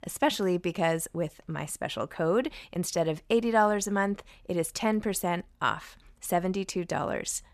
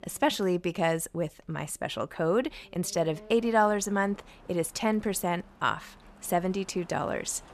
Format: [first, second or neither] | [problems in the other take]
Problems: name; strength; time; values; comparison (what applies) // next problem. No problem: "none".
first | traffic noise; faint; throughout; 25 dB below the speech